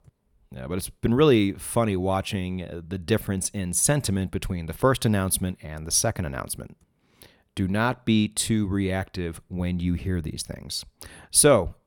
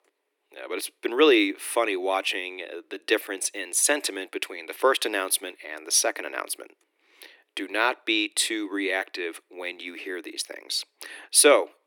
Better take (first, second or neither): first